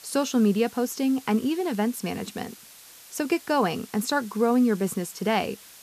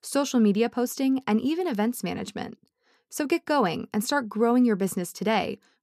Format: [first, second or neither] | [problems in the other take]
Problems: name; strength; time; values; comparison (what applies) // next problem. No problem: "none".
second | hiss; noticeable; throughout; 20 dB below the speech